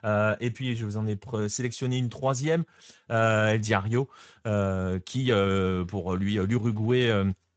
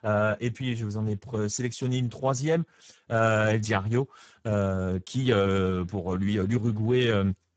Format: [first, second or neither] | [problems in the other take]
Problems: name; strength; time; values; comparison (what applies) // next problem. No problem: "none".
first | garbled, watery; badly; nothing above 7.5 kHz; slightly in the first